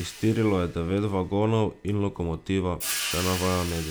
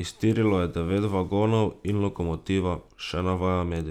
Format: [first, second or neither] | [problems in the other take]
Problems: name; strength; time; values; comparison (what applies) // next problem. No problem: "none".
second | background sound (Cymbal); 11 dB below the speech